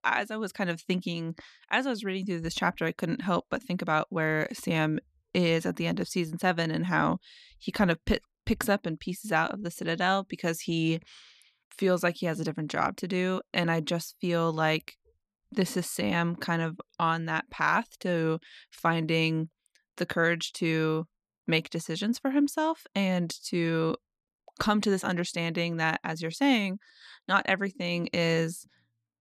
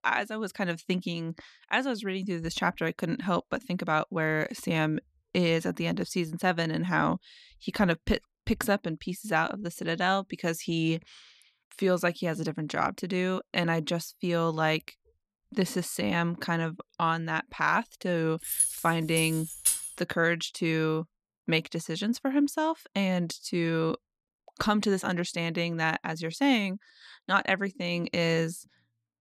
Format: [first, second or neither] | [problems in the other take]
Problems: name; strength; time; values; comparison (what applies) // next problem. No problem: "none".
first | jangling keys; loud; from 18 to 20 s; peak 3 dB above the speech